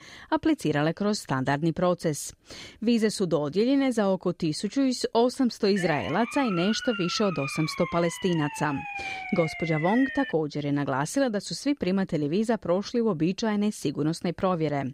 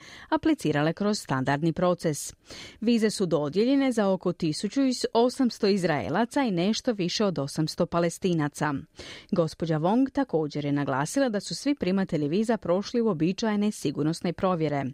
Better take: second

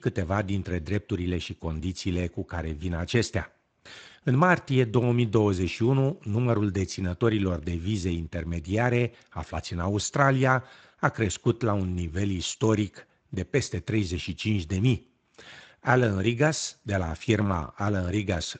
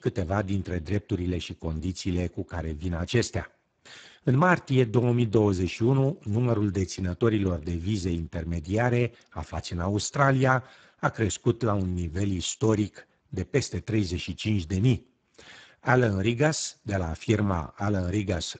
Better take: first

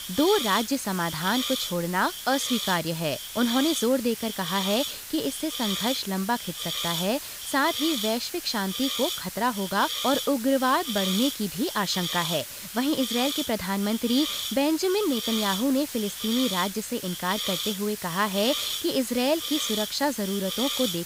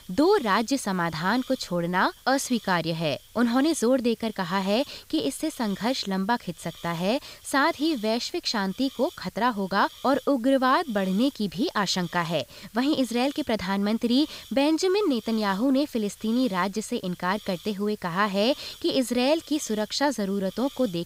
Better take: second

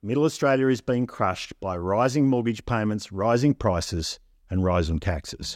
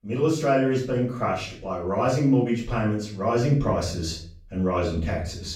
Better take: first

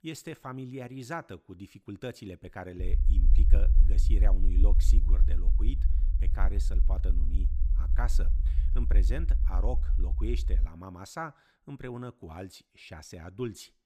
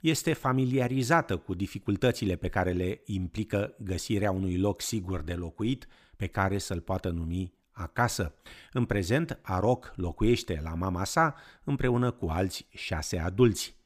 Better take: second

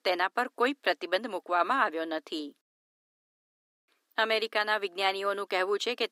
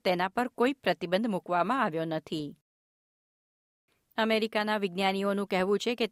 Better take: second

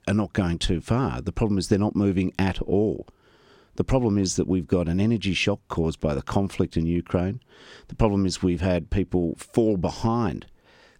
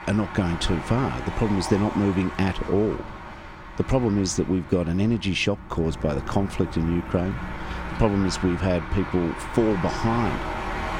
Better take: first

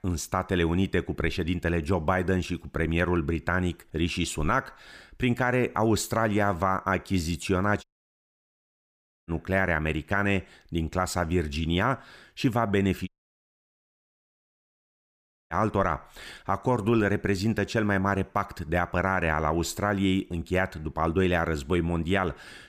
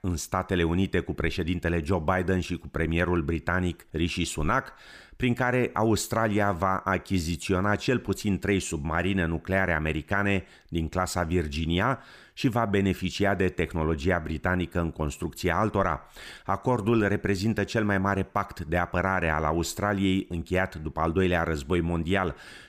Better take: second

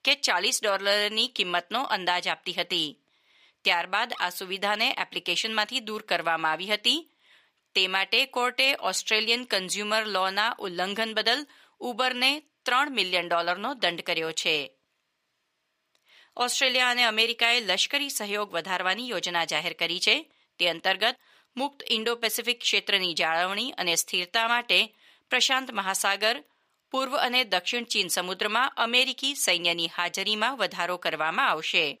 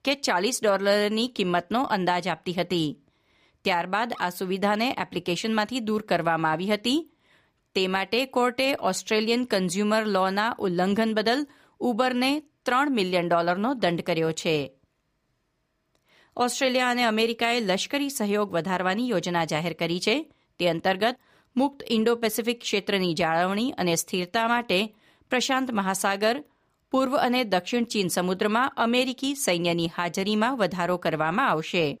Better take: second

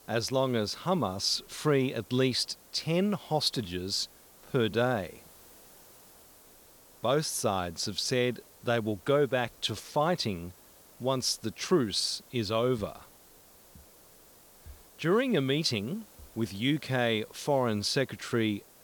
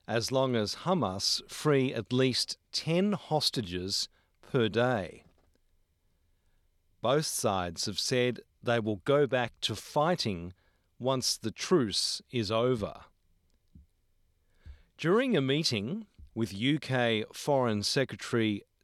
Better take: second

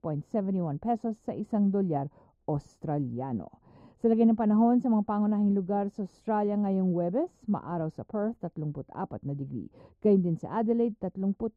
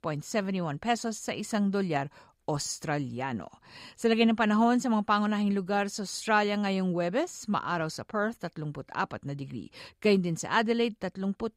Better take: second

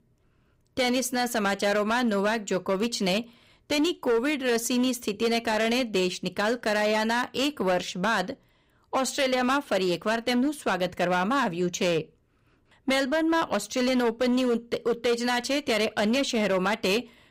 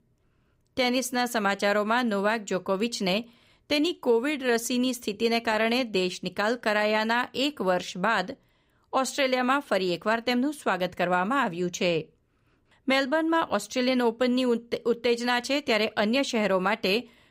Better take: second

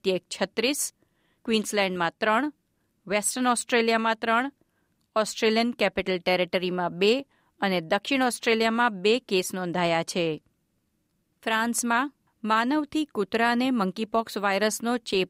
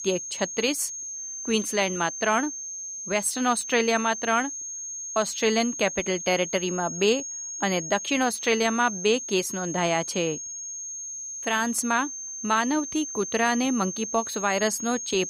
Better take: first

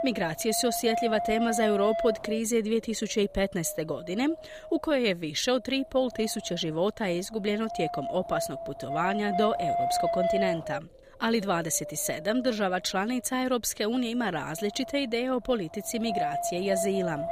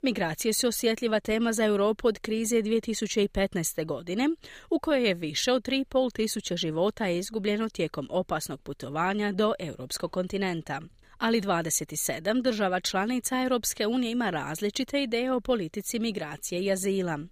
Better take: second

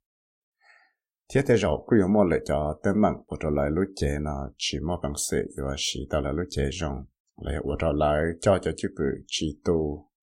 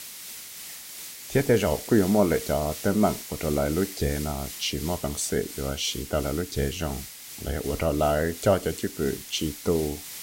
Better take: first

